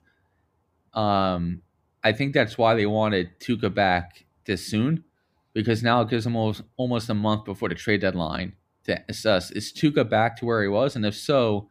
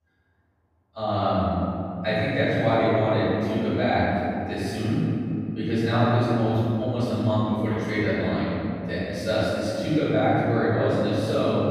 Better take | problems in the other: first | off-mic speech; far // room echo; strong; dies away in 3 s

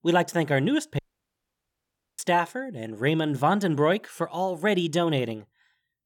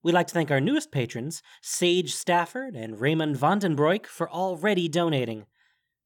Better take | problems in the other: second | audio cutting out; at 1 s for 1 s

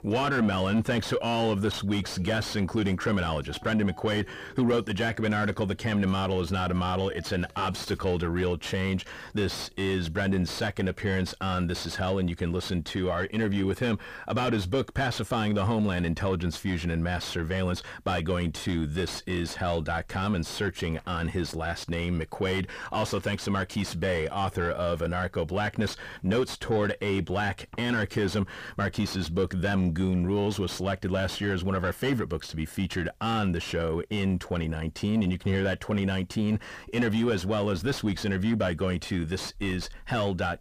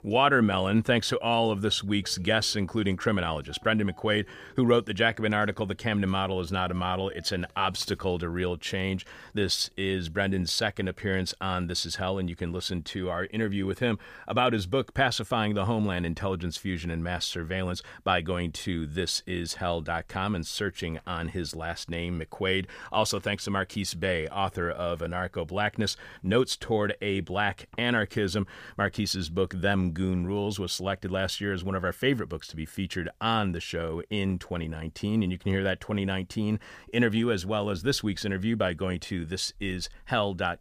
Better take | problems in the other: second | distortion; heavy; 7 dB below the speech

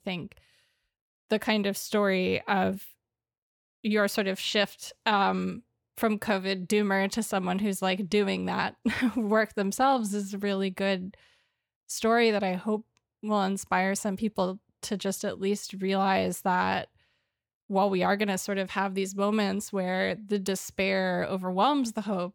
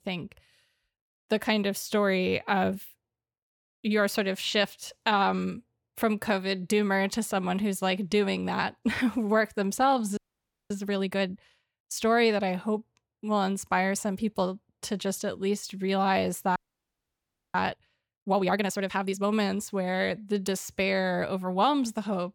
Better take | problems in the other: first | audio freezing; at 10 s for 0.5 s and at 17 s for 1 s

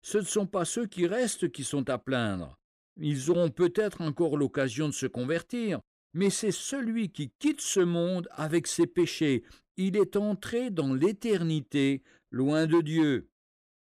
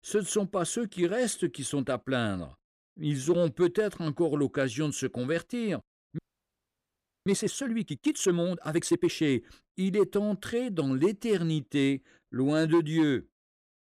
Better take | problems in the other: first | audio freezing; at 6 s for 1 s

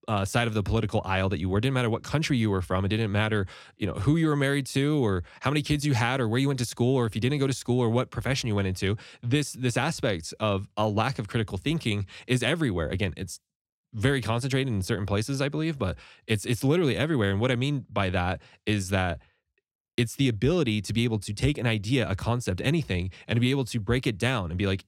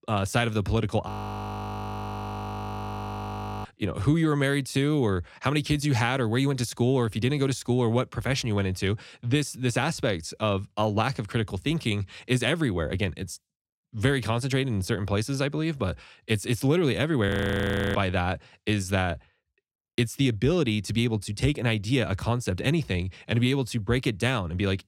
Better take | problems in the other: first | audio freezing; at 1 s for 2.5 s and at 17 s for 0.5 s

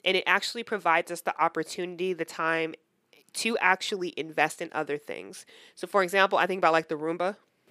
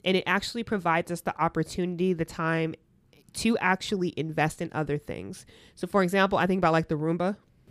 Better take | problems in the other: second | thin; somewhat; fading below 400 Hz

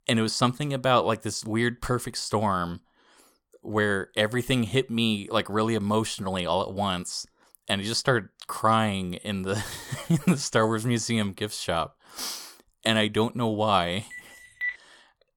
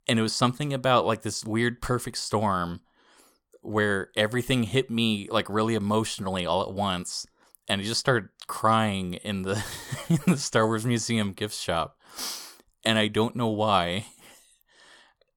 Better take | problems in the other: second | phone ringing; noticeable; at 14 s; peak 5 dB below the speech

